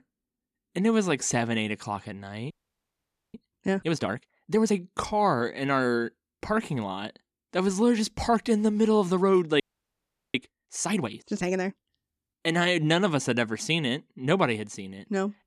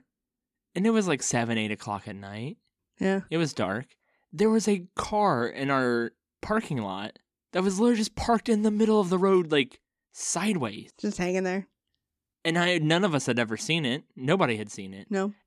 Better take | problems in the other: second | audio freezing; at 2.5 s for 1 s and at 9.5 s for 0.5 s

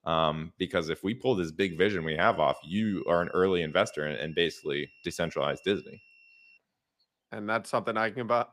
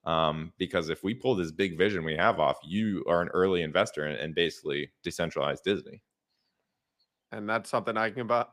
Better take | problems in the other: second | high-pitched whine; faint; from 1.5 to 6.5 s; 2.5 kHz, 25 dB below the speech

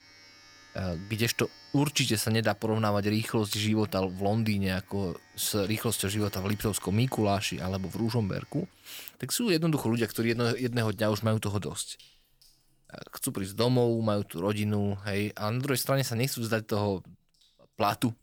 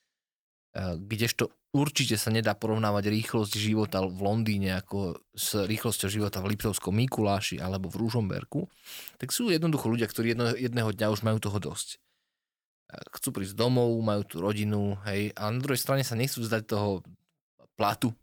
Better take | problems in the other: second | household noises; faint; throughout; 25 dB below the speech

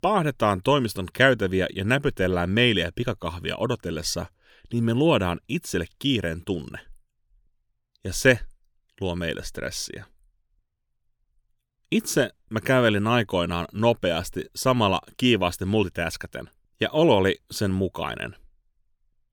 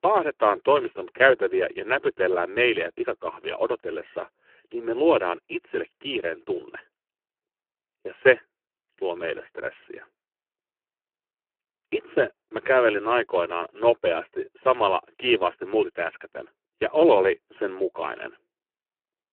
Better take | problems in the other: first | phone-call audio; poor line

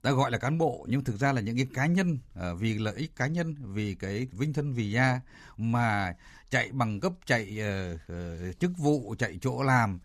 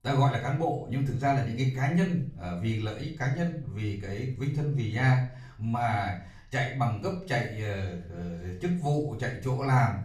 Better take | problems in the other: first | off-mic speech; far // room echo; slight; dies away in 0.4 s

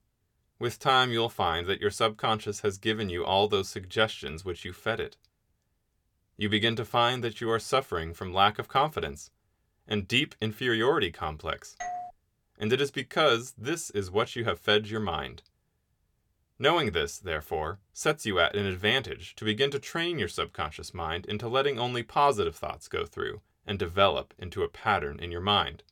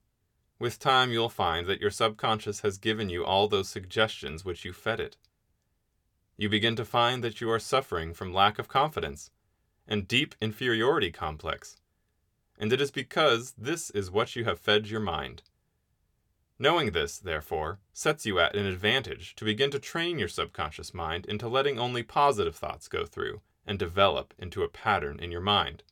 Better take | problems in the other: second | doorbell; noticeable; at 12 s; peak 9 dB below the speech

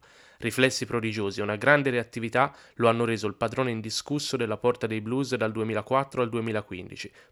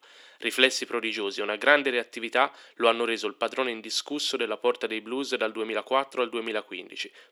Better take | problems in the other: first | thin; somewhat; fading below 300 Hz

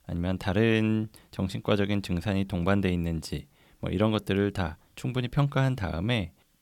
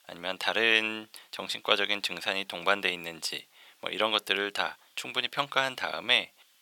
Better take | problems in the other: first | thin; very; fading below 750 Hz

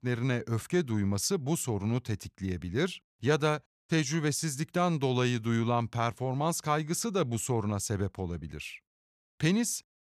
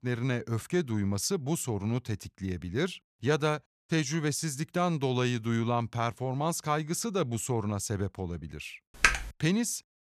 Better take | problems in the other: first | keyboard typing; loud; at 9 s; peak 5 dB above the speech

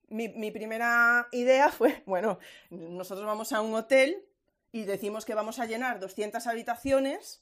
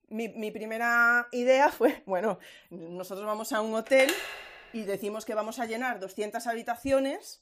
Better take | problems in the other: first | phone ringing; noticeable; at 4 s; peak 4 dB below the speech

